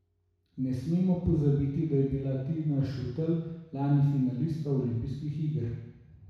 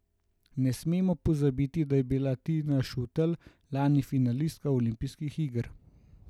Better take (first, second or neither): second